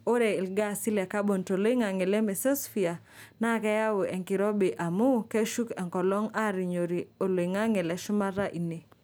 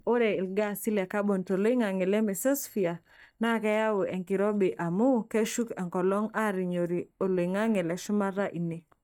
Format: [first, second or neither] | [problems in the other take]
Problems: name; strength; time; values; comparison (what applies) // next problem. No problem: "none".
first | noise reduction (neural mask model DeepFilterNet 3)